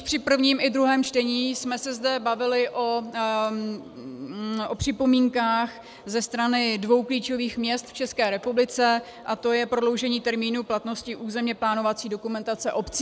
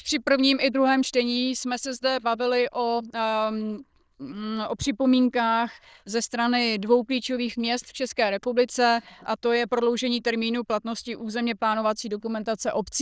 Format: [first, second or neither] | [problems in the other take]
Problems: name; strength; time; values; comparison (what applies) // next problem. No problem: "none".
first | noise reduction (neural diffusion model UNIVERSE++)